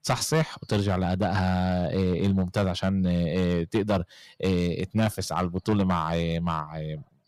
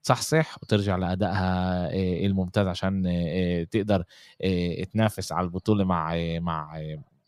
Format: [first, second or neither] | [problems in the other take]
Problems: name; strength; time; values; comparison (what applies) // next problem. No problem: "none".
second | distortion; slight; 5% of the sound clipped